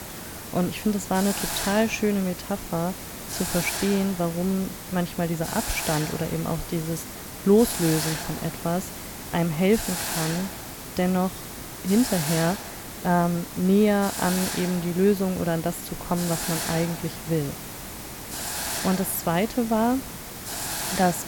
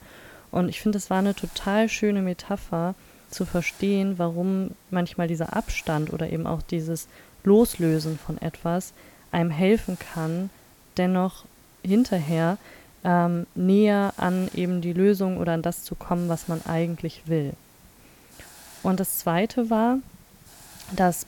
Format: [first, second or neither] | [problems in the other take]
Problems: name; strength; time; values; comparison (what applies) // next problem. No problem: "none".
second | hiss; loud; throughout; 6 dB below the speech; faint in the second